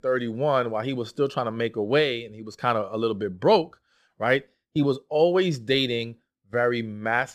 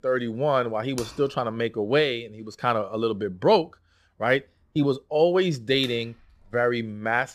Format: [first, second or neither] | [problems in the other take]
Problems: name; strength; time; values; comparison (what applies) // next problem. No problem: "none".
first | machinery noise; noticeable; throughout; 20 dB below the speech